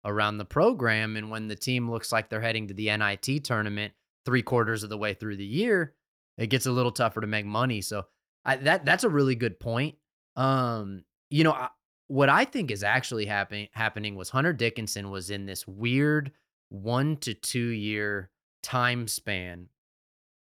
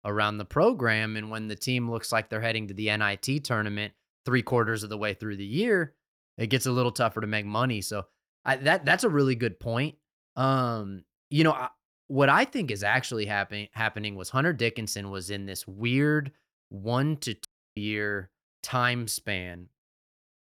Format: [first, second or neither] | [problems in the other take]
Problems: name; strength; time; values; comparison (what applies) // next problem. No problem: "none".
first | audio cutting out; at 17 s